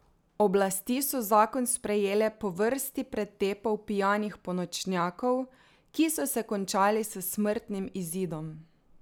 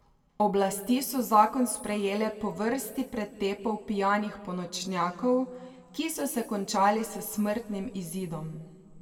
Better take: first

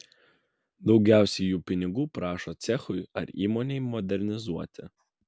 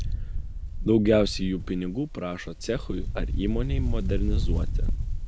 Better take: first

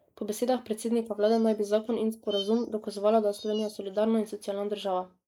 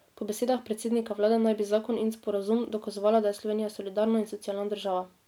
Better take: second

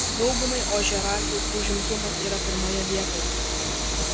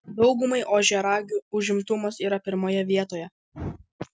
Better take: second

